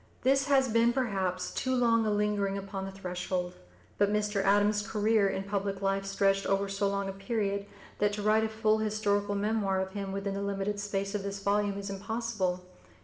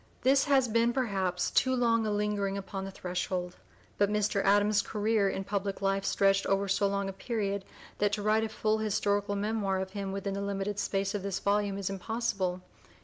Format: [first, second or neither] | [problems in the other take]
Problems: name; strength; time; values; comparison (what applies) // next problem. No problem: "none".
second | room echo; dies away in 0.7 s